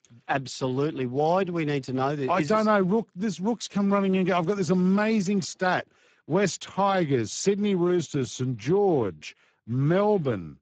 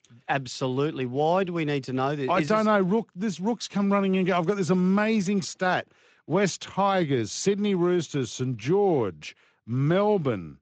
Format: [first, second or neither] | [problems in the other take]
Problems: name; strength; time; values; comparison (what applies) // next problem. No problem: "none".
second | garbled, watery; badly; nothing above 7.5 kHz; slightly in the second